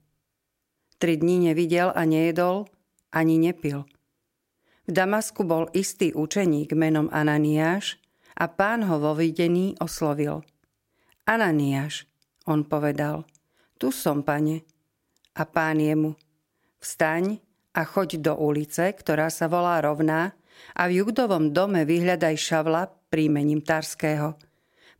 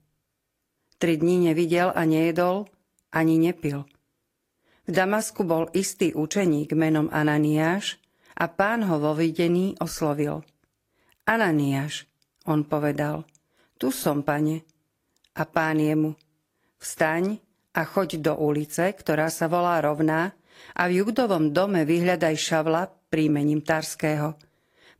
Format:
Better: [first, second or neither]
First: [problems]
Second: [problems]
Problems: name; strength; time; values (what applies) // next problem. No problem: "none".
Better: first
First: none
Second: garbled, watery; slightly; nothing above 15 kHz